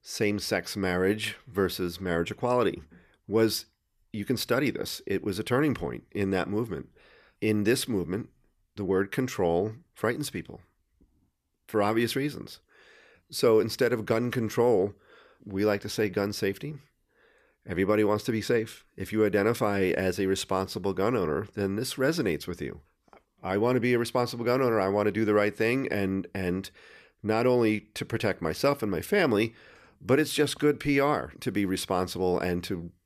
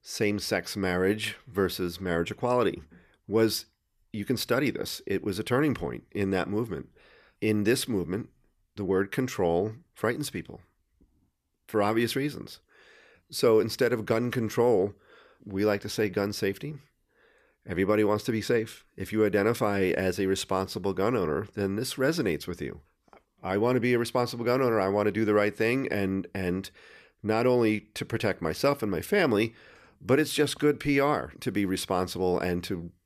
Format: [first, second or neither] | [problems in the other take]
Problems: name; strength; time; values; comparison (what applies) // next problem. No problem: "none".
neither | none